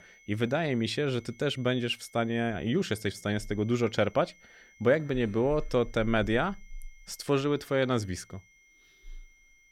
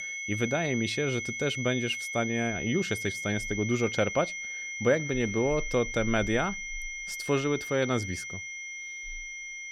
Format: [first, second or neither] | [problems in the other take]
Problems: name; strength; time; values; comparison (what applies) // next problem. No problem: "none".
first | high-pitched whine; loud; throughout; 2 kHz, 5 dB below the speech; faint in the first